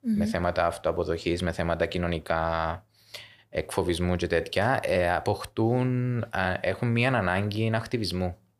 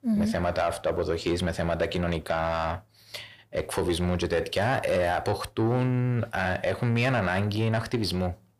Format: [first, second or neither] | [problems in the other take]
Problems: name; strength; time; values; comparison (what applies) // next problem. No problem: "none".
first | distortion; slight; 10 dB below the speech